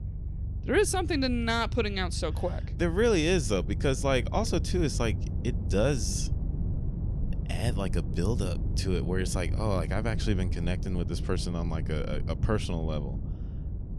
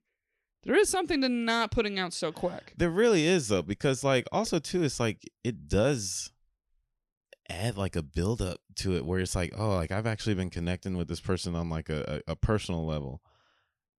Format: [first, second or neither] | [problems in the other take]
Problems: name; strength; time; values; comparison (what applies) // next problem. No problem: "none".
second | low rumble; noticeable; throughout; 15 dB below the speech